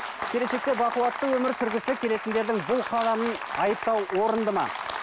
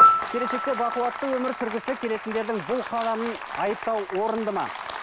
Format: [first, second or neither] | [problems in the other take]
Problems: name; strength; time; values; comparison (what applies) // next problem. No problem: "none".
first | background sound (Piano); as loud as the speech